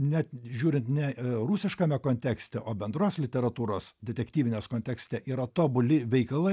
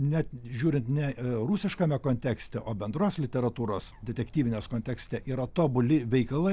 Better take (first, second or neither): first